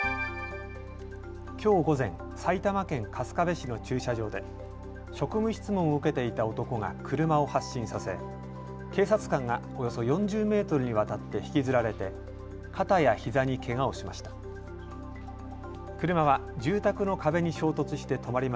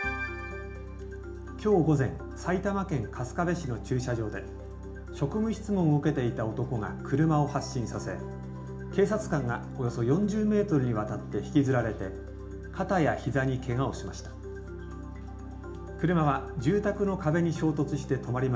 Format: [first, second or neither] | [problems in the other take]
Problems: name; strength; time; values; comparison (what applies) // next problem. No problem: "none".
first | room echo; dies away in 0.4 s